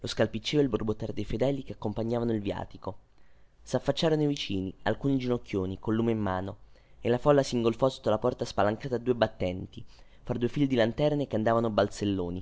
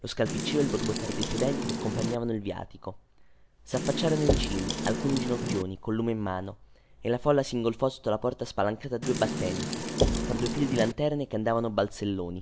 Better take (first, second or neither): first